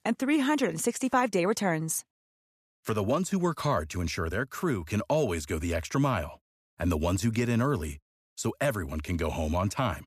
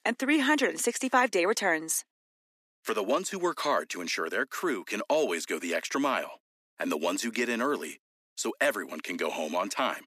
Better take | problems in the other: first | thin; somewhat; fading below 250 Hz

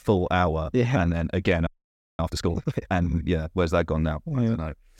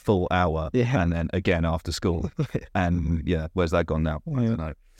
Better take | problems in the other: second | audio freezing; at 1.5 s for 0.5 s

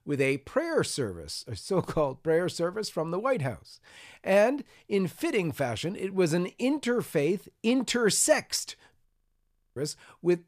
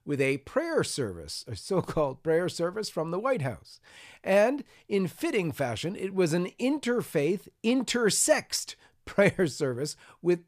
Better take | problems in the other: second | audio freezing; at 9 s for 0.5 s

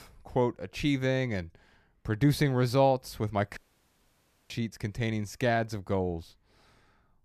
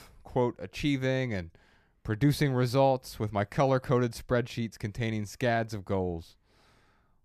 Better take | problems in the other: second | audio cutting out; at 3.5 s for 1 s

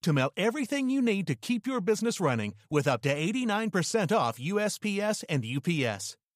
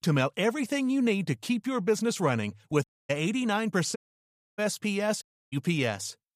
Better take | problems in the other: first | audio cutting out; at 3 s, at 4 s for 0.5 s and at 5 s

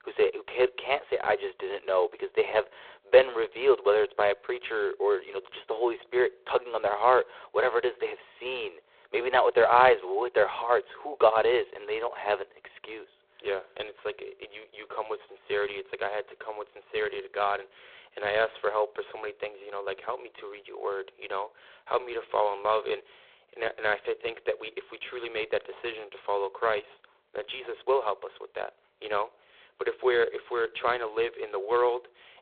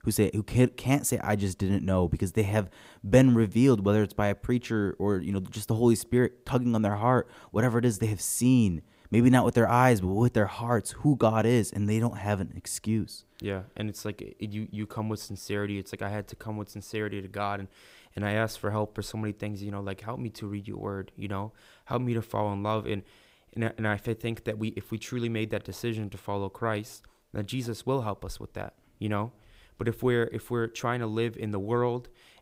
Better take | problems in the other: second | phone-call audio; poor line; nothing above 4 kHz

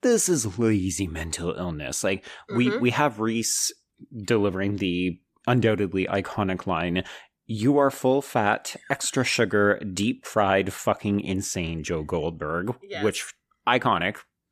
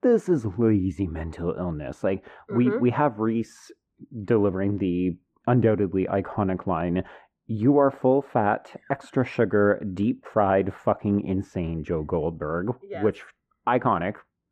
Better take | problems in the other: first | muffled; very; fading above 2.5 kHz

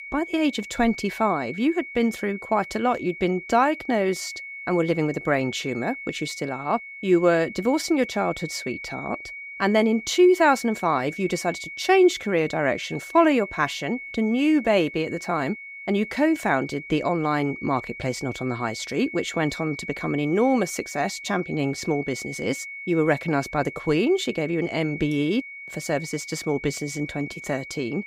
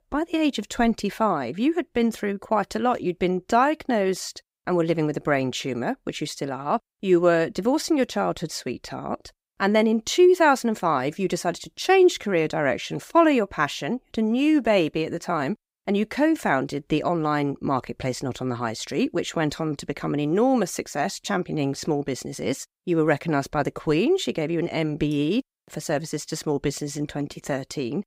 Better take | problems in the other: second | high-pitched whine; noticeable; throughout; 2 kHz, 10 dB below the speech

